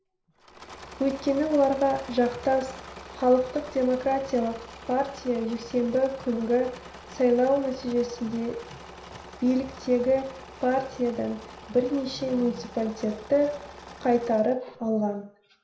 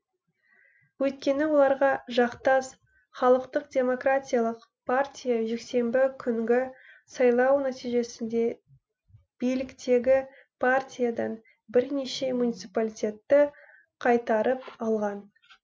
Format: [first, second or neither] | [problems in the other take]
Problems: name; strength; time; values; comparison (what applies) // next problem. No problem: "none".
second | background sound (Engine / Mechanisms); 17 dB below the speech // room echo; dies away in 0.5 s